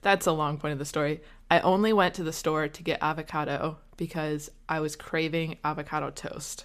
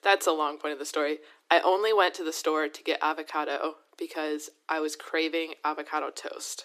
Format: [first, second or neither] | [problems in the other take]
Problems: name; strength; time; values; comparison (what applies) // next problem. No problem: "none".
first | thin; very; fading below 300 Hz